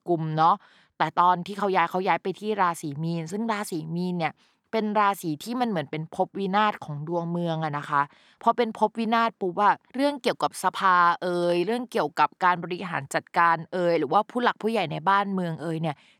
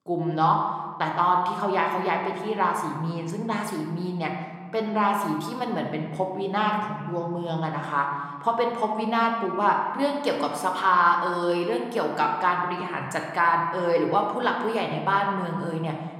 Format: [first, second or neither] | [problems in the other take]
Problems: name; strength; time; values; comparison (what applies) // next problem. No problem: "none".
first | room echo; slight; dies away in 1.2 s